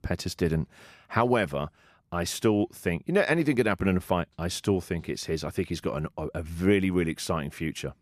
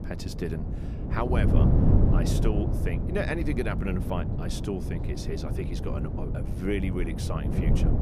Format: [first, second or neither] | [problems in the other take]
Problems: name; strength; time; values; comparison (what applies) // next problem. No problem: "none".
first | wind noise on the microphone; heavy; 2 dB below the speech